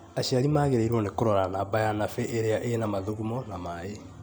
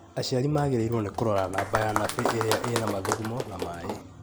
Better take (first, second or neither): first